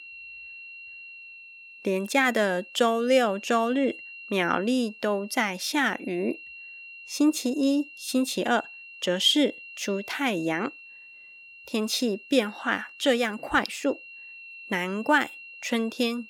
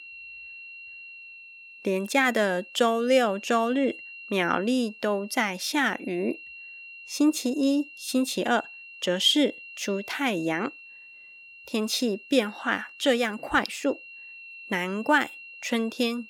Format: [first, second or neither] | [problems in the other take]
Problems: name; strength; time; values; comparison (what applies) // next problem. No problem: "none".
neither | high-pitched whine; noticeable; throughout; 2.5 kHz, 15 dB below the speech; the same in both